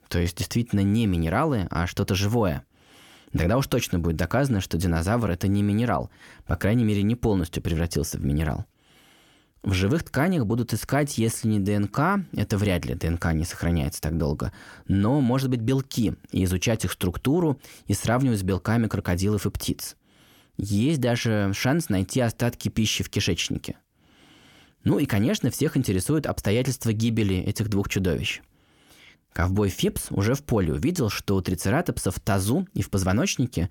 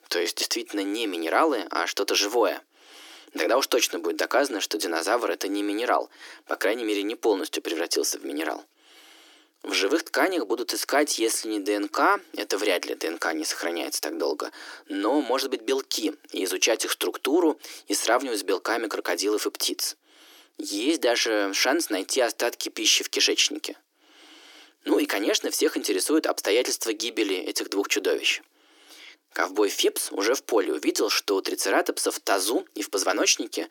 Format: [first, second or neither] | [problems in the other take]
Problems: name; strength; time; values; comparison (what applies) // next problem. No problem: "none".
first | thin; very; fading below 300 Hz